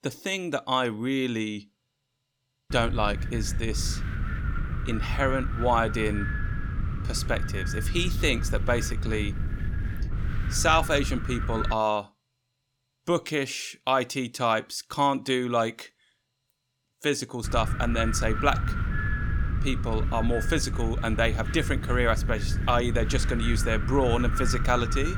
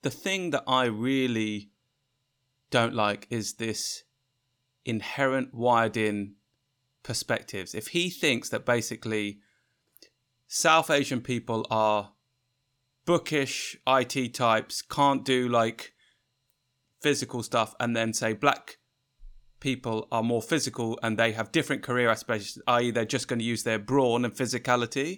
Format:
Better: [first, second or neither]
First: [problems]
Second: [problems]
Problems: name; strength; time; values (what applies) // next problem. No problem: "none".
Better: second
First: wind noise on the microphone; heavy; from 2.5 to 12 s and from 17 s on; 9 dB below the speech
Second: none